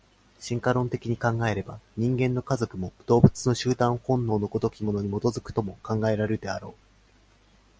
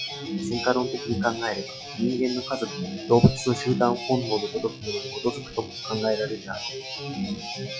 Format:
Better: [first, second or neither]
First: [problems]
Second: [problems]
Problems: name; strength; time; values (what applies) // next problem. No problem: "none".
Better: first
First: none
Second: noise reduction (classical method log-MMSE)